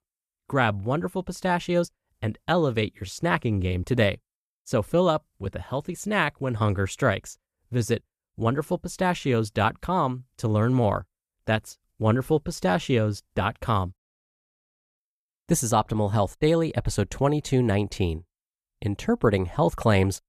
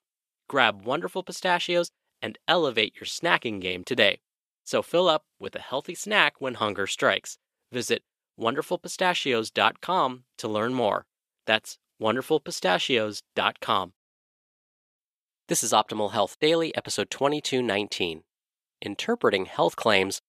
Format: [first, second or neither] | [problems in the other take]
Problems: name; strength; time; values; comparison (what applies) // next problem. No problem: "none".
first | thin; somewhat; fading below 300 Hz